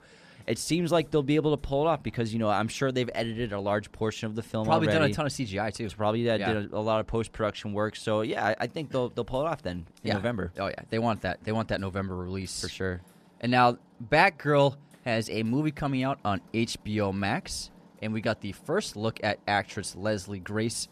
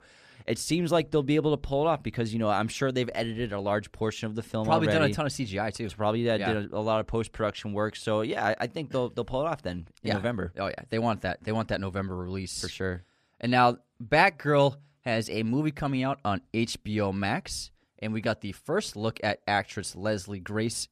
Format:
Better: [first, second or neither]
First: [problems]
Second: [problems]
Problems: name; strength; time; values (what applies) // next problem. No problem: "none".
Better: second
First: machinery noise; faint; throughout; 30 dB below the speech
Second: none